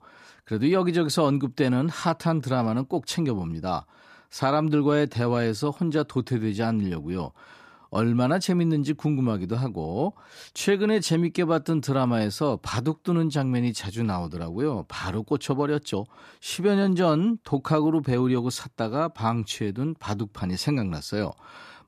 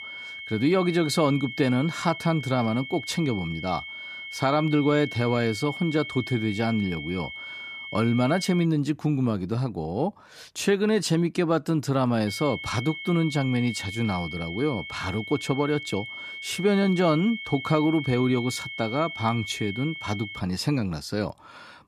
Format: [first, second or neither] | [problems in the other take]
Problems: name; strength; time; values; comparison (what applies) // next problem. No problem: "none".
first | high-pitched whine; loud; until 8.5 s and from 12 to 20 s; 2 kHz, 9 dB below the speech